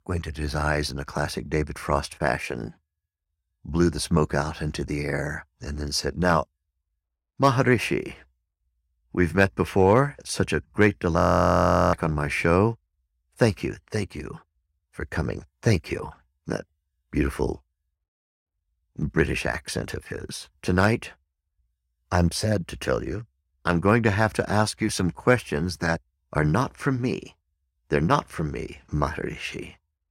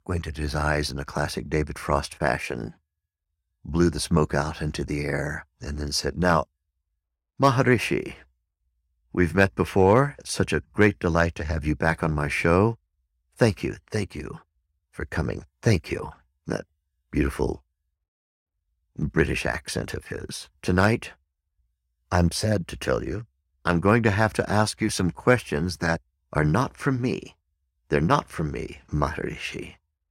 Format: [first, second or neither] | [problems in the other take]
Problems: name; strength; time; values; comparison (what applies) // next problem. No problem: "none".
second | audio freezing; at 11 s for 0.5 s